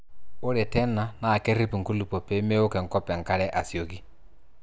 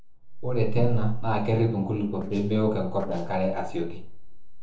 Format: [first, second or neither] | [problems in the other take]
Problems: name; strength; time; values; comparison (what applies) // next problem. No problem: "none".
first | noise reduction (neural separator model SepFormer DNS4)